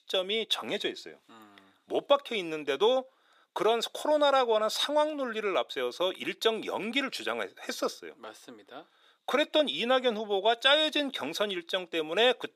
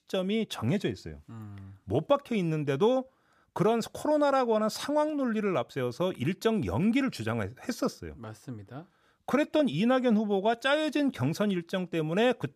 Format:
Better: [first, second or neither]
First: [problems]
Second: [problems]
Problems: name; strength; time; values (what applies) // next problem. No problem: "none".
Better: second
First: thin; somewhat; fading below 350 Hz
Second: none